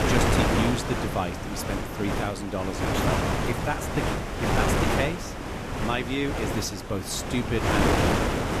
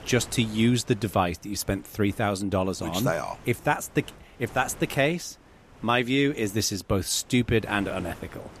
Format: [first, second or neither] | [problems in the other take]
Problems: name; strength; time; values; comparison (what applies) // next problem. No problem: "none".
second | wind noise on the microphone; heavy; 4 dB above the speech; occasional gusts in the second